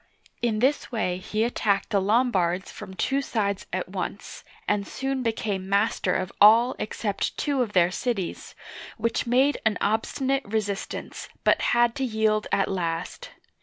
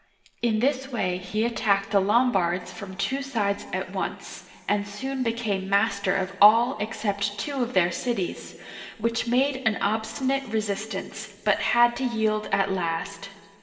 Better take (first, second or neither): first